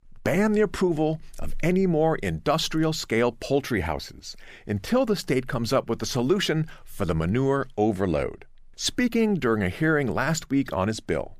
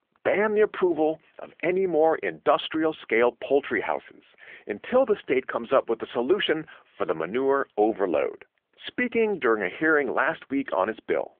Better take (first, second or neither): first